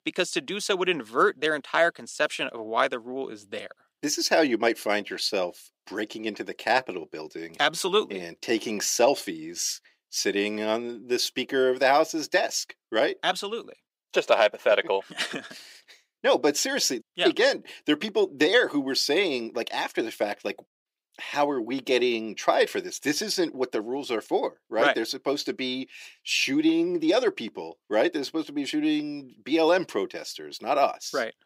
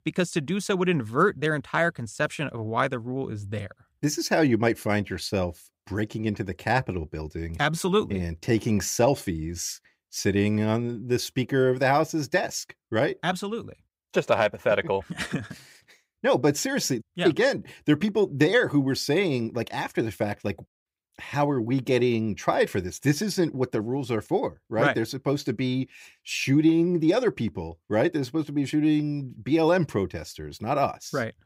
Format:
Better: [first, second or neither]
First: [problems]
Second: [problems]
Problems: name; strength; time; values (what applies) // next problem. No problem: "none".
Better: second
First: thin; somewhat; fading below 300 Hz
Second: none